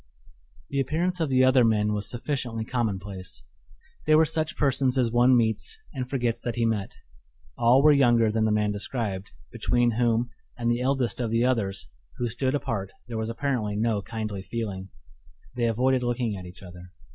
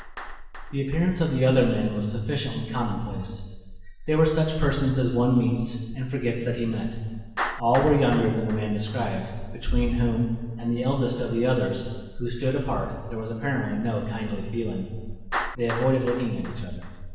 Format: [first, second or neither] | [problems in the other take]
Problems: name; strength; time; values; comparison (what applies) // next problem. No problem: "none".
first | background sound (Clapping); 16 dB below the speech // room echo; dies away in 1.2 s